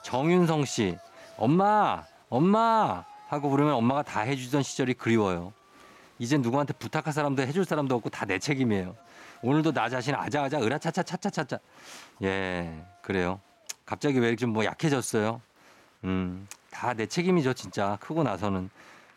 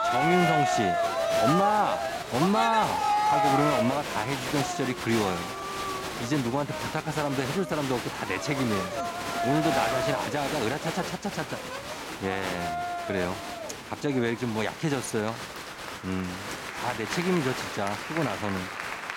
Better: first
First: crowd noise; faint; throughout; 30 dB below the speech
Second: crowd noise; loud; throughout; 1 dB below the speech

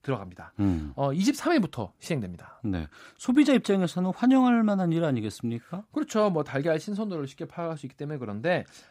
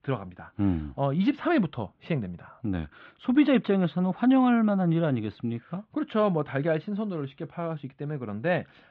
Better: first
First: none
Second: muffled; very; fading above 3.5 kHz

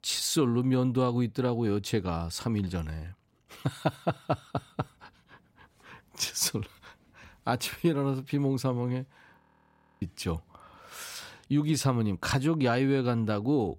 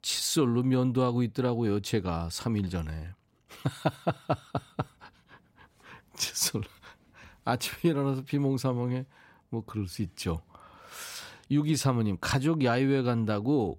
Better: second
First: audio freezing; at 9.5 s for 0.5 s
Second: none

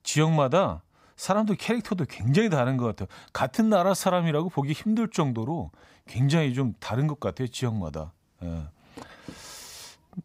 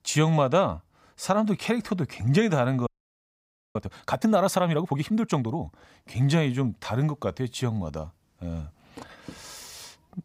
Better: first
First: none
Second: audio freezing; at 3 s for 1 s

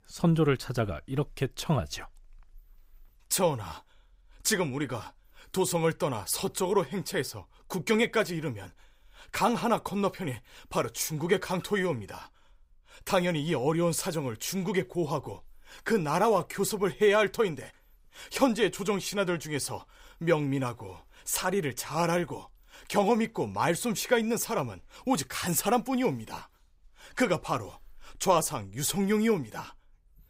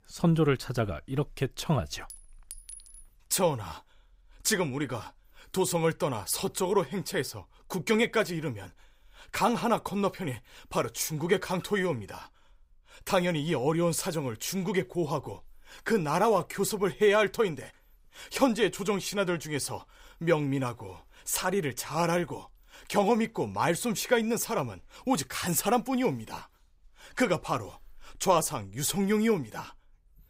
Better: first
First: none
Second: clattering dishes; faint; at 2 s; peak 15 dB below the speech

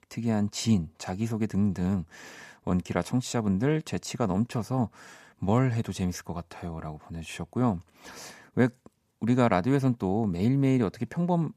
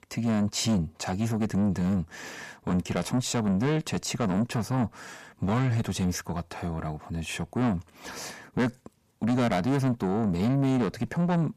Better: first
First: none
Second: distortion; heavy; 7 dB below the speech

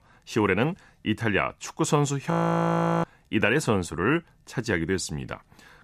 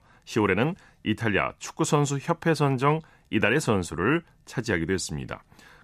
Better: second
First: audio freezing; at 2.5 s for 0.5 s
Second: none

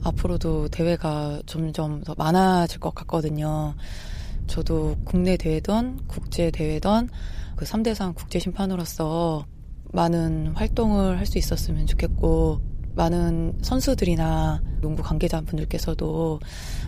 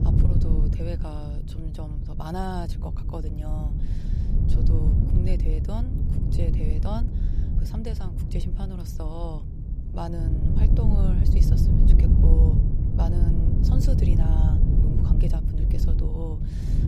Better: first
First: wind noise on the microphone; occasional gusts; 20 dB below the speech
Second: wind noise on the microphone; heavy; 1 dB above the speech

